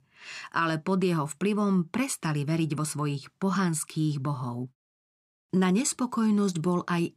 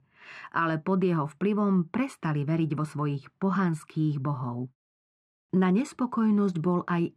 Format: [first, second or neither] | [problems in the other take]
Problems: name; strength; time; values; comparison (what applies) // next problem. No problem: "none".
first | muffled; very; fading above 3.5 kHz